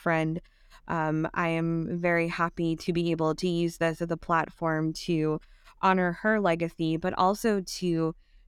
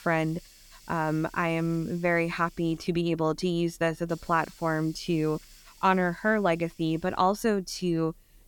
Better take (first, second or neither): first